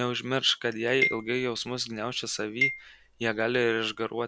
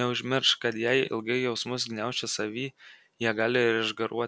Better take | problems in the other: second | background sound (Marimba, xylophone); 6 dB below the speech

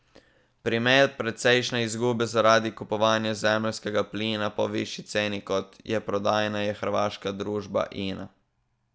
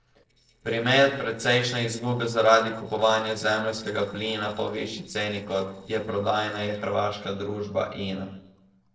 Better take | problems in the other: first | noise reduction (neural separator model SepFormer DNS4)

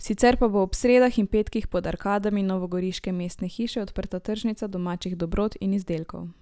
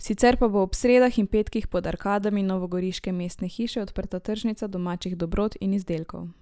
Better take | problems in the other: first | noise reduction (neural mask model Resemble Enhance denoiser)

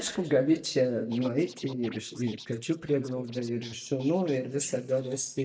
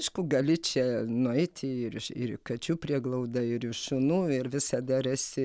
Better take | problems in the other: second | noise reduction (neural mask model DeepFilterNet 3)

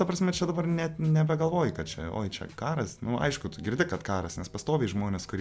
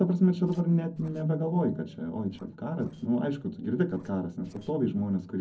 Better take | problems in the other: first | noise reduction (neural separator model SepFormer DNS4)

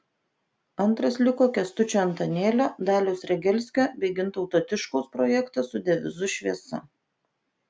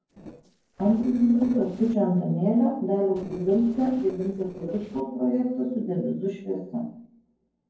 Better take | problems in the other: first | noise reduction (neural separator model SepFormer DNS4)

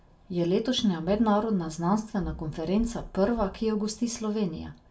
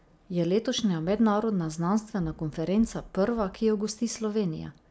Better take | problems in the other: second | room echo; dies away in 0.2 s

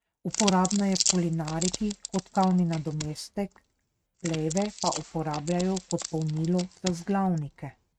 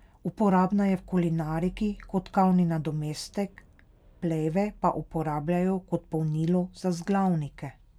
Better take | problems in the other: second | noise reduction (neural mask model RNNoise)

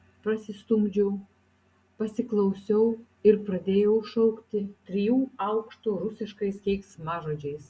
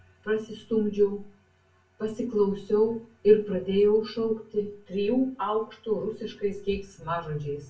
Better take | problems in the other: first | room echo; dies away in 0.2 s

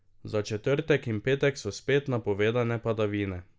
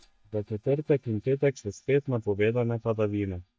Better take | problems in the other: first | noise reduction (neural mask model DeepFilterNet 3)

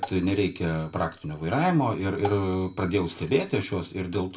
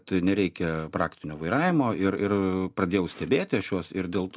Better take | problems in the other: second | background sound (Marimba, xylophone); 17 dB below the speech // room echo; dies away in 0.3 s

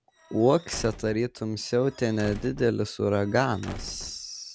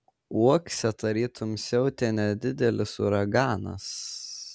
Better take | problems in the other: second | background sound (Squeak / Slam / Wood); 16 dB below the speech

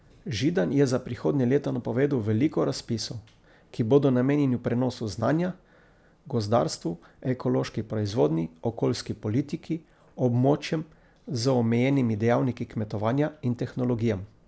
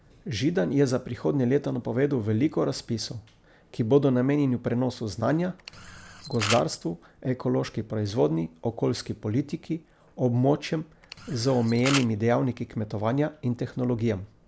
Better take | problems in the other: first | background sound (Camera); 8 dB below the speech

